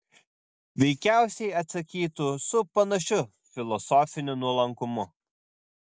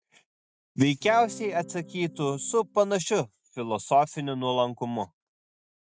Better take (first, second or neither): first